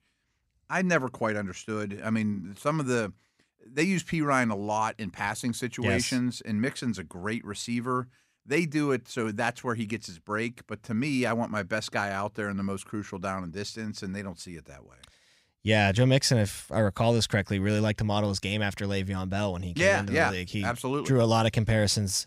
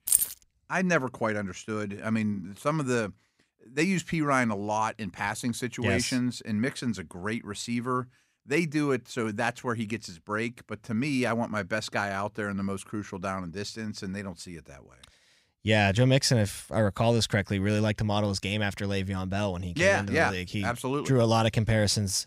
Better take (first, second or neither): first